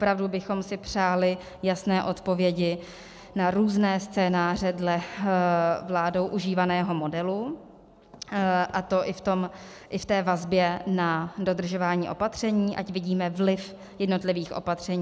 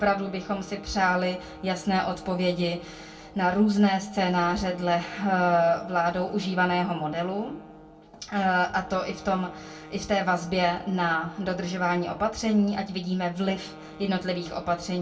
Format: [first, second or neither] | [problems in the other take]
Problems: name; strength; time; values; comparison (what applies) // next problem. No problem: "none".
first | background sound (Wind instrument, woodwind instrument); 20 dB below the speech // room echo; dies away in 0.2 s